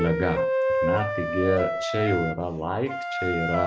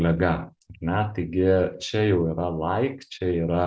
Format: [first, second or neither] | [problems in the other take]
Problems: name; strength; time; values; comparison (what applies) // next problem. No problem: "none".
second | background sound (Wind instrument, woodwind instrument); 1 dB below the speech